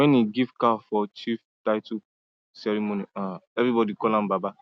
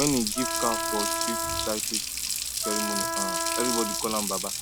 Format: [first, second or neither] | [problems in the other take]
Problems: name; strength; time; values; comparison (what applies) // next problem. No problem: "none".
first | background sound (Wind instrument, woodwind instrument + Water tap, faucet); 3 dB above the speech